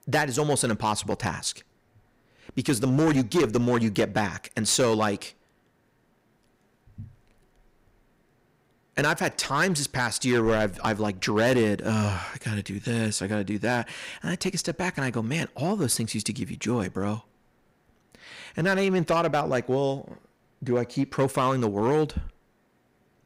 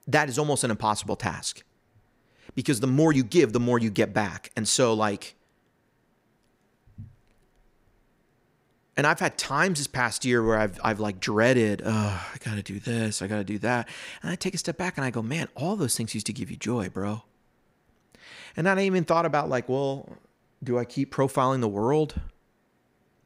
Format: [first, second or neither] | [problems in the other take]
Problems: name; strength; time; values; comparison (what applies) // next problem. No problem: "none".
second | distortion; slight; 5% of the sound clipped